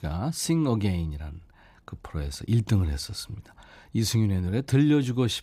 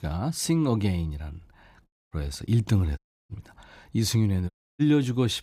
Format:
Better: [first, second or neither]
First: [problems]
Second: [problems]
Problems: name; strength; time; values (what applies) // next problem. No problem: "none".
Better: first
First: none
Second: audio cutting out; at 2 s, at 3 s and at 4.5 s